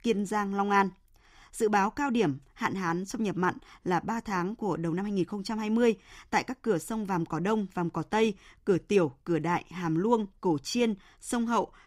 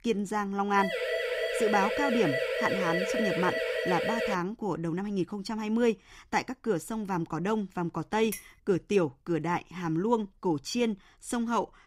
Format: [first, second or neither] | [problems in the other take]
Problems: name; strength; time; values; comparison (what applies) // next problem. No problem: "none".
first | siren; loud; from 1 to 4.5 s; peak 1 dB above the speech // clattering dishes; faint; at 8.5 s; peak 10 dB below the speech